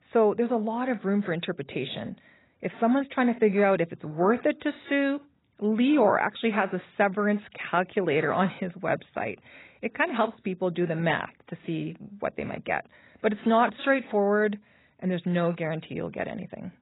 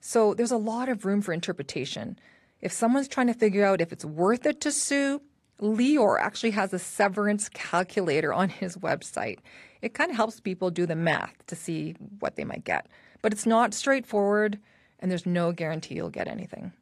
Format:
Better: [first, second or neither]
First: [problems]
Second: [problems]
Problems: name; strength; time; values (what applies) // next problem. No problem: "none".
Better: second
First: garbled, watery; badly; nothing above 4 kHz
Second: garbled, watery; slightly